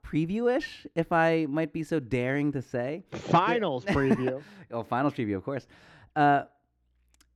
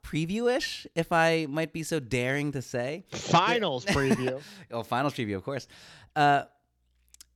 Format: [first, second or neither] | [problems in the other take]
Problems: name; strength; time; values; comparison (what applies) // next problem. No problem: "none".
second | muffled; slightly; fading above 3 kHz